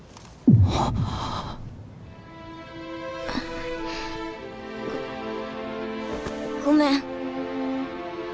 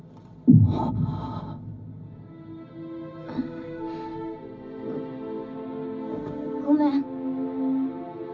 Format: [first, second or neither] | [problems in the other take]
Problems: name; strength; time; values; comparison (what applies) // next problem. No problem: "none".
first | room echo; dies away in 0.4 s